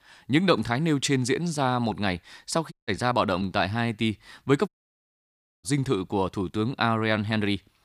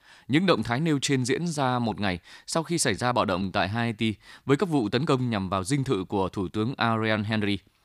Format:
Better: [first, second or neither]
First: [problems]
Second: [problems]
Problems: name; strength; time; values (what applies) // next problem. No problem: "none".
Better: second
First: audio cutting out; at 2.5 s and at 4.5 s for 1 s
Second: none